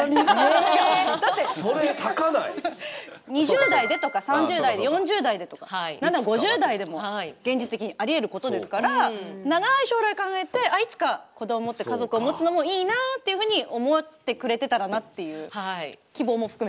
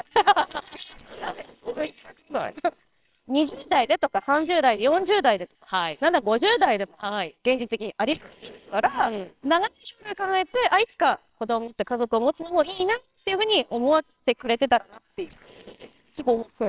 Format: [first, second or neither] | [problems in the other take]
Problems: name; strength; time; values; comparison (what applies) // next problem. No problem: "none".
first | noise reduction (neural separator model SepFormer WHAMR!)